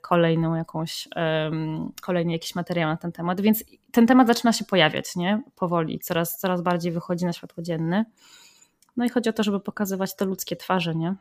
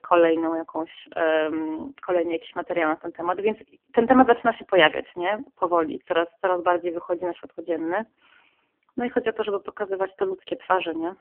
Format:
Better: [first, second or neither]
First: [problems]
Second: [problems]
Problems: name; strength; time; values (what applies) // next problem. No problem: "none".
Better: first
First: none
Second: phone-call audio; poor line; nothing above 3 kHz